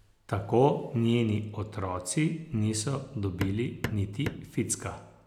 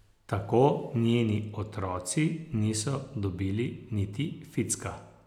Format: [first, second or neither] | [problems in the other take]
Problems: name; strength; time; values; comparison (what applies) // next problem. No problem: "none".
second | background sound (Hammer); 9 dB below the speech